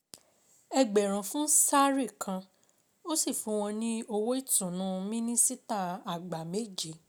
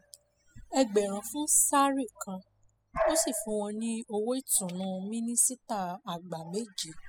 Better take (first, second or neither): first